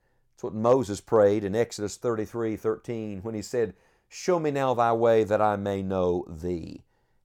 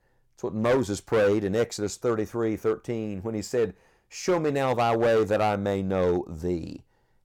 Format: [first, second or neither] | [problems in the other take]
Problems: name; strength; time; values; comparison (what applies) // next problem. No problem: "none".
first | distortion; slight; 7% of the sound clipped